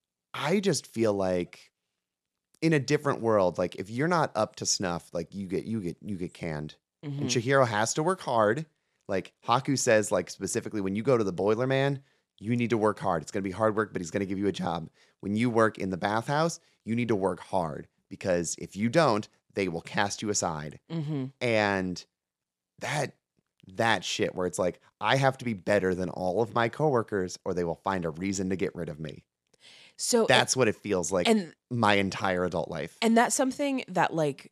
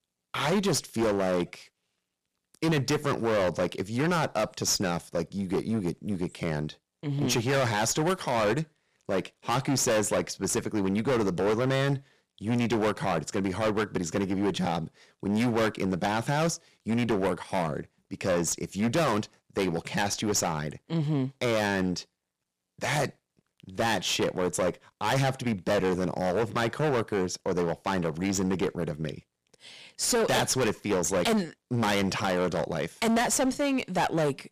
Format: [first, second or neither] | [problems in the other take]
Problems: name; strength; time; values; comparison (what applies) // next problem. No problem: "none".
first | distortion; heavy; 16% of the sound clipped